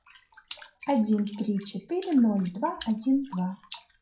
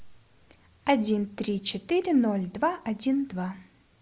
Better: second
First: noise reduction (classical method WPE with log-MMSE)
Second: none

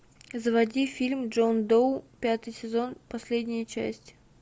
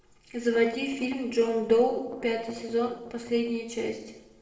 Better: first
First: none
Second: noise reduction (neural separator model SepFormer DNS4)

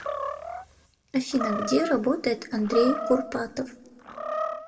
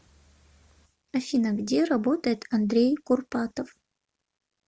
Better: second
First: background sound (Animal); 6 dB below the speech // room echo; dies away in 1.6 s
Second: none

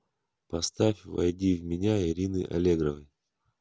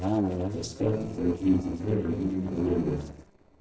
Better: first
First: none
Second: noise reduction (neural separator model SepFormer DNS4)

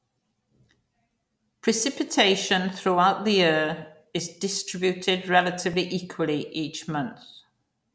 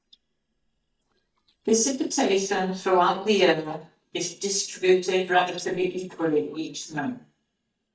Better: first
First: none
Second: noise reduction (neural mask model DeepFilterNet 3)

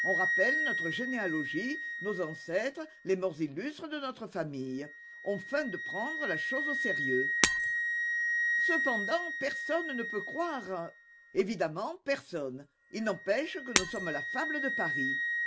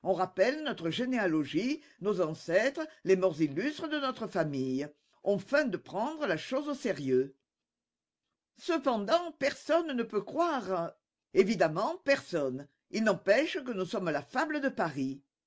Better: second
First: background sound (Shatter + Wind instrument, woodwind instrument); 1 dB above the speech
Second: none

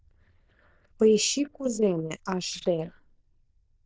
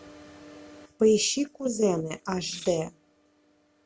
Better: second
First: noise reduction (neural diffusion model UNIVERSE++)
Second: none

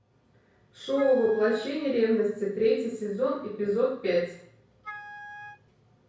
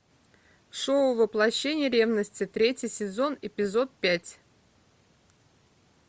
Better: second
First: background sound (Wind instrument, woodwind instrument); 16 dB below the speech // room echo; dies away in 0.6 s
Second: none

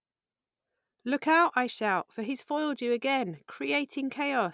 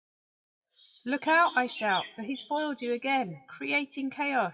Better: first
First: none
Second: noise reduction (classical method WPE with log-MMSE)

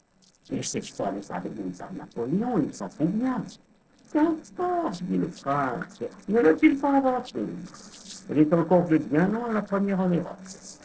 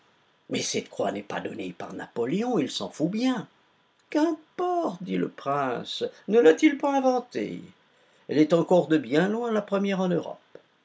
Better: second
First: noise reduction (neural separator model SepFormer DNS4)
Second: none

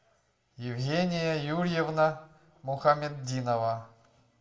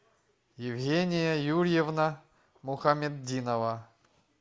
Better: second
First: room echo; dies away in 0.4 s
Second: none

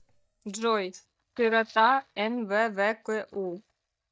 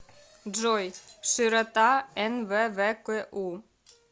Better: second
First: noise reduction (neural mask model DeepFilterNet 3)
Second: none

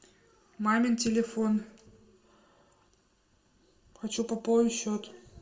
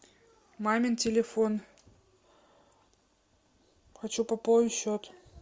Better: second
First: room echo; dies away in 0.5 s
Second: none

